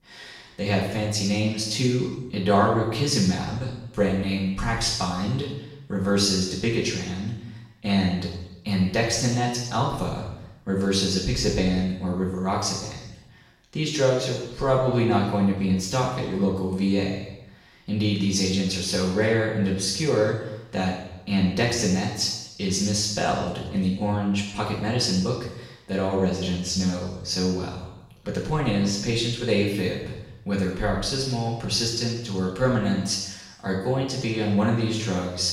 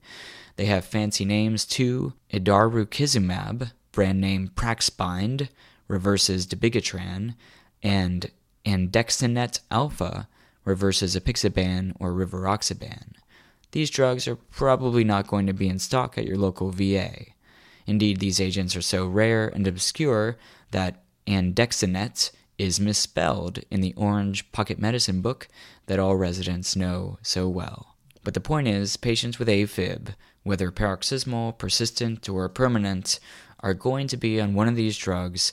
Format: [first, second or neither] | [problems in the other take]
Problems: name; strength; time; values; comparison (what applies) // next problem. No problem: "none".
second | room echo; noticeable; dies away in 0.9 s // off-mic speech; far